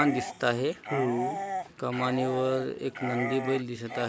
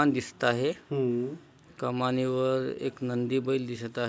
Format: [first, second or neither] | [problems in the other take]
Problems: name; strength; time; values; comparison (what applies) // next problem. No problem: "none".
second | background sound (Dog); 6 dB below the speech